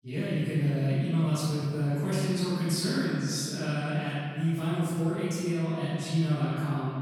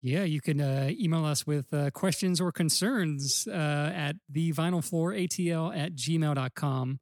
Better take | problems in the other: second | room echo; strong; dies away in 1.9 s // off-mic speech; far

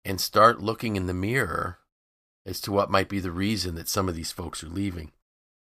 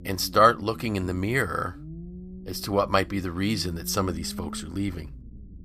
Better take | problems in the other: first | low rumble; faint; throughout; 25 dB below the speech

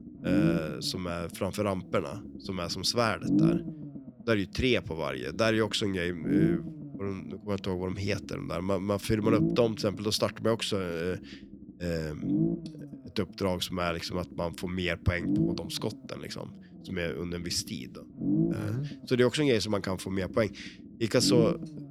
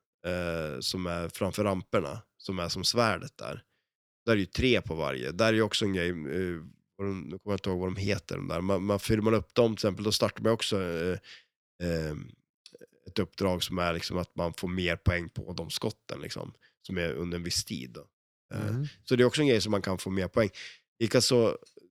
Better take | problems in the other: second | low rumble; loud; throughout; 4 dB below the speech

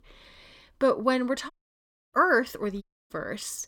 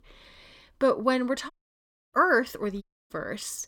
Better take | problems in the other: neither | audio cutting out; at 1.5 s for 0.5 s and at 3 s; the same in both

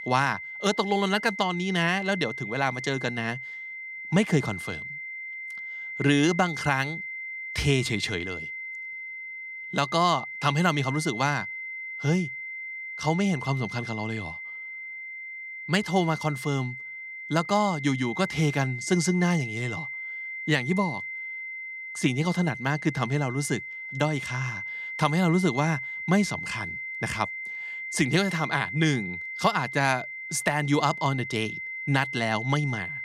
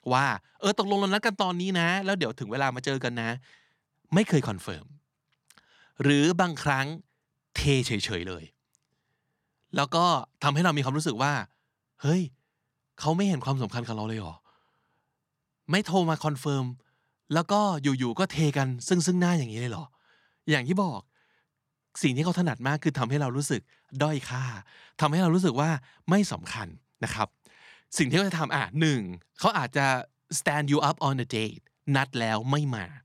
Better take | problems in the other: second | high-pitched whine; loud; throughout; 2 kHz, 7 dB below the speech

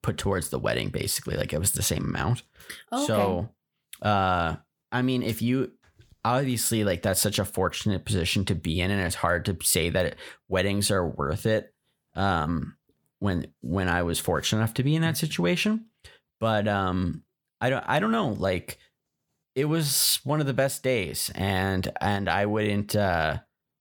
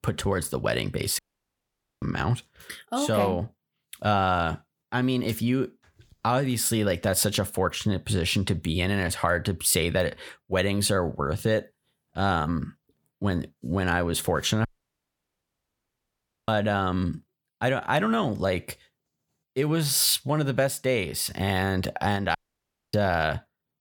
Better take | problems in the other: first | audio cutting out; at 1 s for 1 s, at 15 s for 2 s and at 22 s for 0.5 s

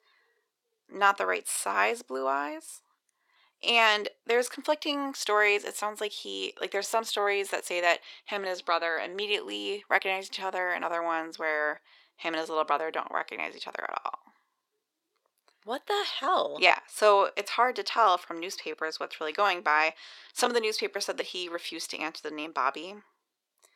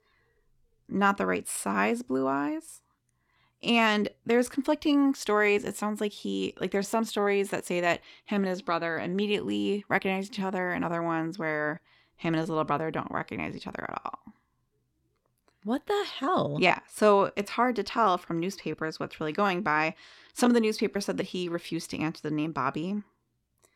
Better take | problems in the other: second | thin; very; fading below 450 Hz

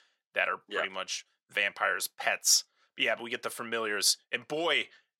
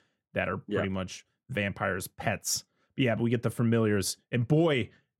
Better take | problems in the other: second | thin; very; fading below 800 Hz

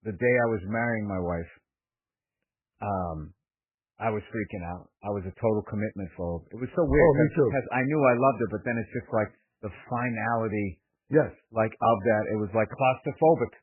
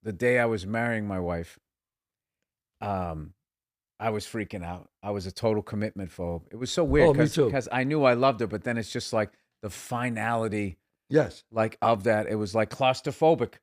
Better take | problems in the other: second | garbled, watery; badly; nothing above 2.5 kHz

